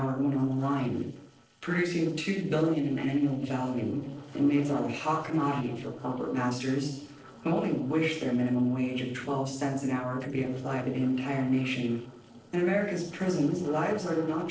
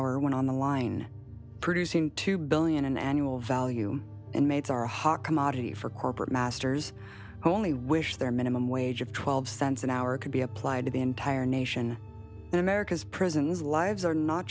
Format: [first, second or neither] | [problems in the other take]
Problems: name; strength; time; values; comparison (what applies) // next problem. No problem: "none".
second | noise reduction (neural separator model SepFormer DNS4)